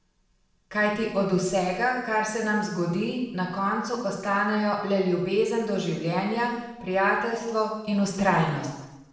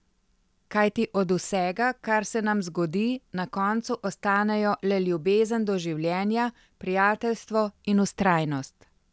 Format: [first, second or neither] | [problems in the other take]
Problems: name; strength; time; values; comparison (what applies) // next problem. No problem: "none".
second | room echo; dies away in 0.8 s